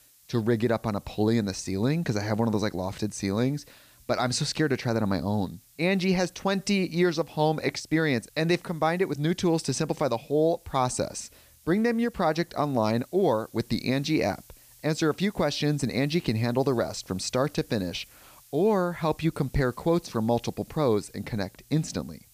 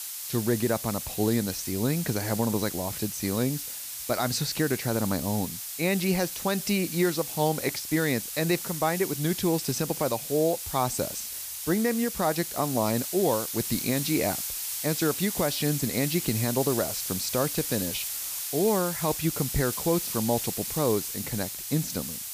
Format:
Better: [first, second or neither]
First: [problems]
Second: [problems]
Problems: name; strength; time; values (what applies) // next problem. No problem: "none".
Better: first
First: hiss; faint; throughout; 25 dB below the speech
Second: hiss; loud; throughout; 4 dB below the speech